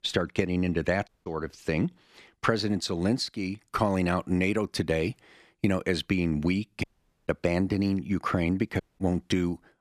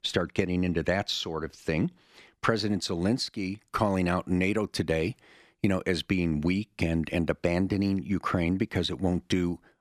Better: second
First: audio cutting out; at 1 s, at 7 s and at 9 s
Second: none

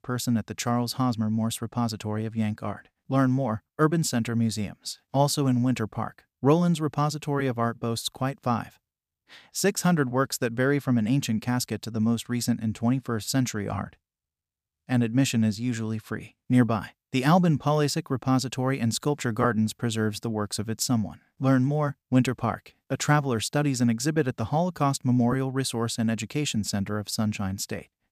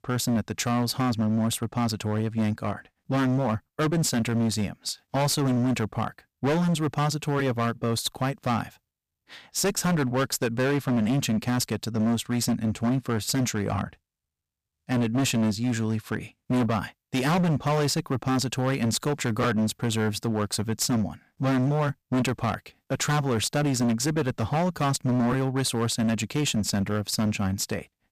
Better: first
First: none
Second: distortion; heavy; 18% of the sound clipped

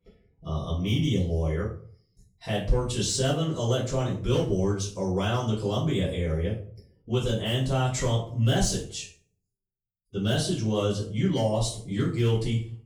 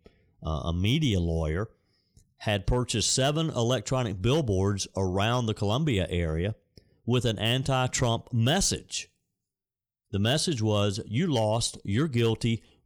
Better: second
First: off-mic speech; far // room echo; noticeable; dies away in 0.4 s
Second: none

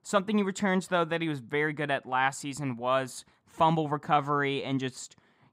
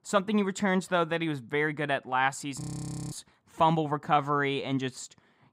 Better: first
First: none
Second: audio freezing; at 2.5 s for 0.5 s

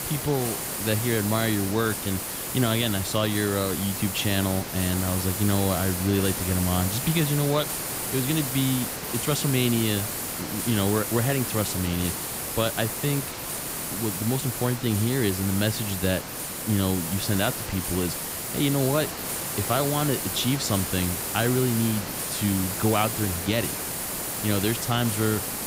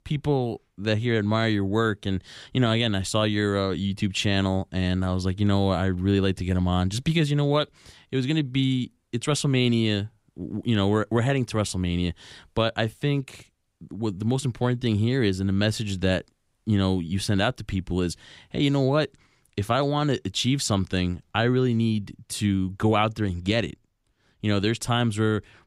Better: second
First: hiss; loud; throughout; 2 dB below the speech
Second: none

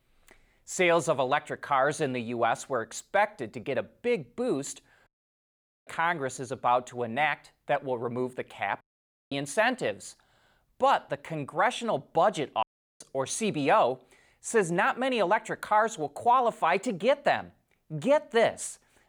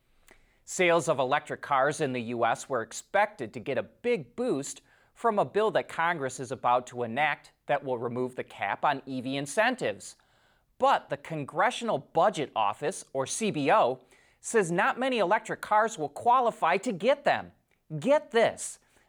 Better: second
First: audio cutting out; at 5 s for 1 s, at 9 s for 0.5 s and at 13 s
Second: none

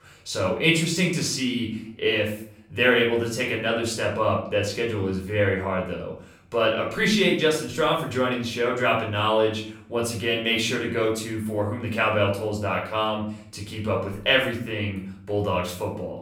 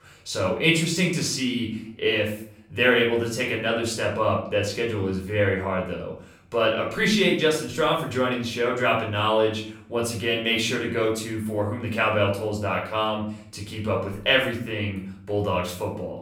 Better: neither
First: off-mic speech; far // room echo; slight; dies away in 0.5 s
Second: off-mic speech; far // room echo; slight; dies away in 0.5 s

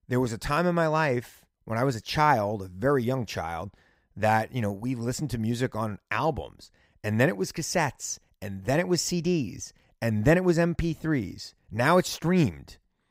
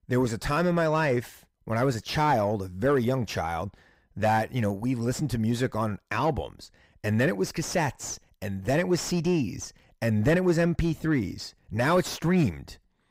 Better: first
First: none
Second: distortion; slight; 10 dB below the speech

